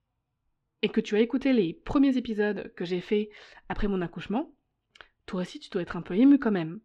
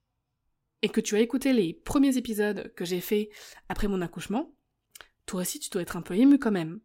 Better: second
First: muffled; slightly; fading above 3.5 kHz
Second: none

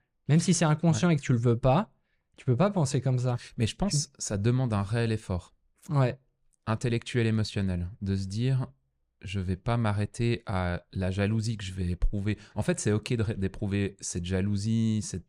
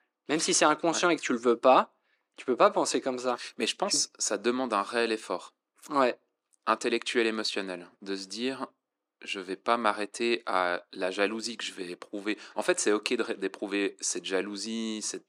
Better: first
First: none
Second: thin; very; fading below 250 Hz

